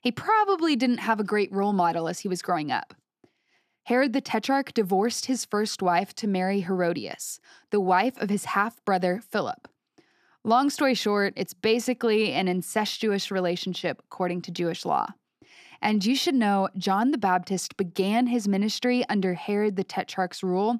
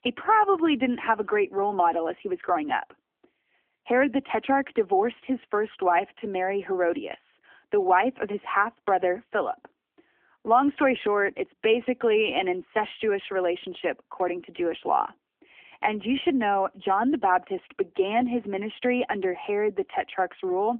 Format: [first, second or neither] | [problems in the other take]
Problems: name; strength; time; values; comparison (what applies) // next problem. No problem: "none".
first | phone-call audio; nothing above 3 kHz